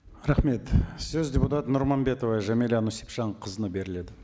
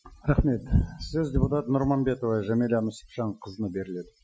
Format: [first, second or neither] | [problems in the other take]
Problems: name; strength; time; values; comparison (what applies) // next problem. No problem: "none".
first | noise reduction (classical method Wiener filter)